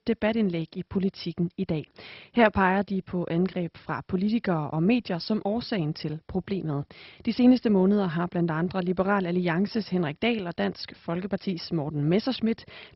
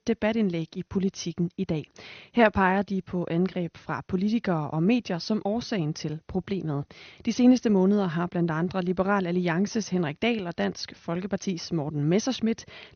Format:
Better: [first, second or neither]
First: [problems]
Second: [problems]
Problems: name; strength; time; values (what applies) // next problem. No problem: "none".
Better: second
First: garbled, watery; badly; nothing above 5.5 kHz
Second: garbled, watery; slightly; nothing above 6.5 kHz